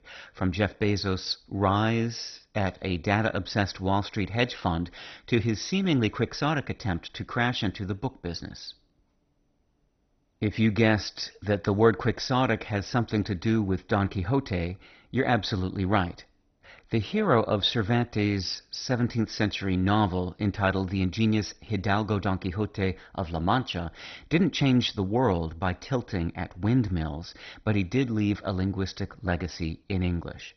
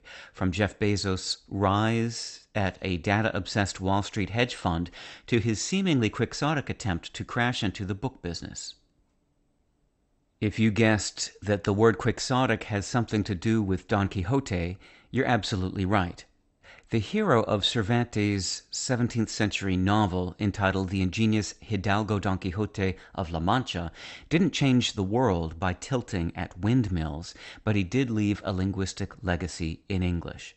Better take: second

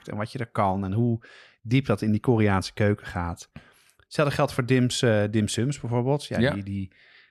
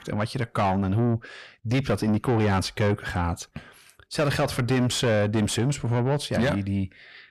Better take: first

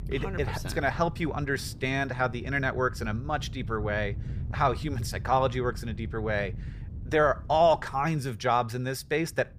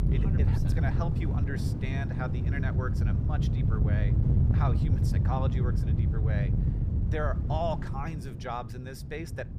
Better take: first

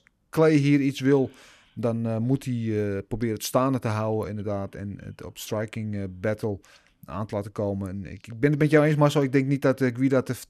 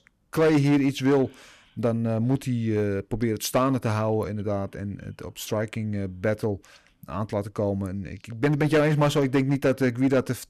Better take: first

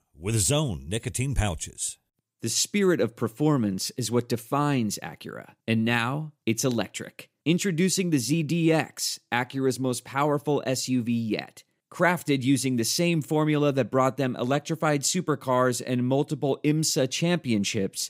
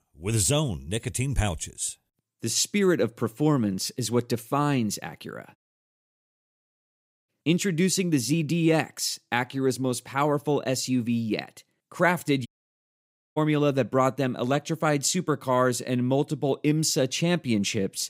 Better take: first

